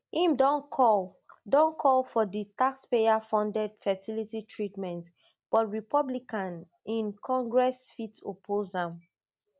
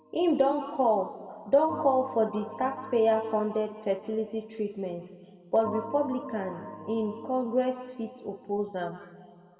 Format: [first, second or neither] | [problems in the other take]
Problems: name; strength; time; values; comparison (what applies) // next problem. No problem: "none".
first | background sound (Organ); 16 dB below the speech // room echo; dies away in 1.6 s